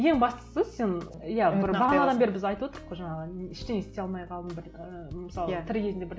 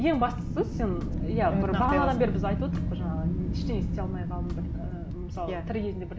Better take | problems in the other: first | background sound (Wind); as loud as the speech

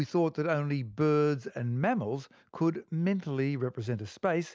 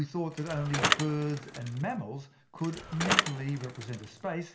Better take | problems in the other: first | background sound (Bicycle); as loud as the speech // room echo; dies away in 0.4 s

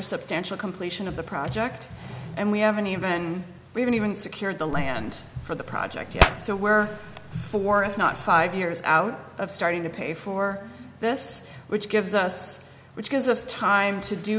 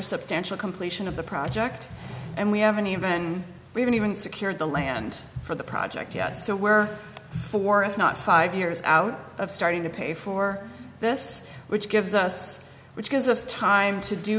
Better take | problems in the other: second | background sound (Hands); 4 dB below the speech

